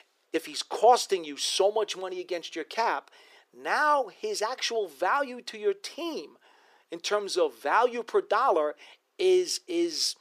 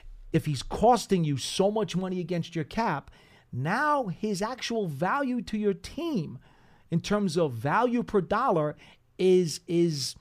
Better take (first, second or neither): second